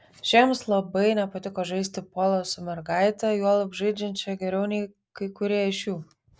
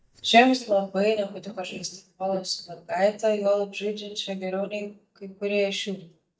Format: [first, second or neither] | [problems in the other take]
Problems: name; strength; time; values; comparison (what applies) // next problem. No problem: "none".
first | noise reduction (neural mask model DeepFilterNet 3)